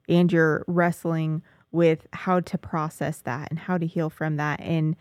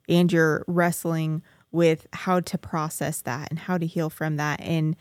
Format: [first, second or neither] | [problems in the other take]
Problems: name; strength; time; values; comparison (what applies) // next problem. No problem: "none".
second | muffled; slightly; fading above 3.5 kHz